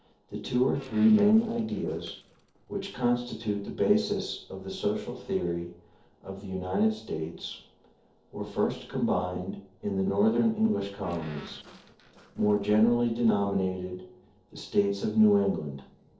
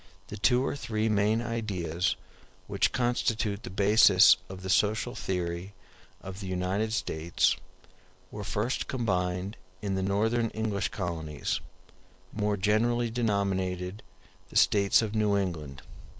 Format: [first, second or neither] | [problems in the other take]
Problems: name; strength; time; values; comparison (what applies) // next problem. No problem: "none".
second | noise reduction (neural separator model SepFormer DNS4)